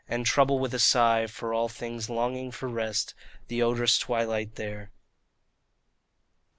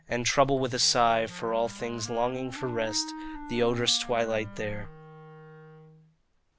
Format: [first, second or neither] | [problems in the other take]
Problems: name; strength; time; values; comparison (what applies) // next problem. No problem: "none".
first | background sound (Wind instrument, woodwind instrument); 15 dB below the speech